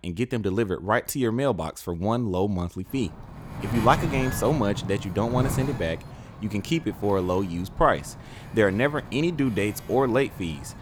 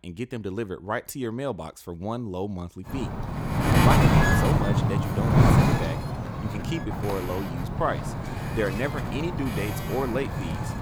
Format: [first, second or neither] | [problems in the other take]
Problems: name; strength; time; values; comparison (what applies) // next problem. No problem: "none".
first | wind noise on the microphone; heavy; from 3 s on; 3 dB above the speech; occasional gusts in the first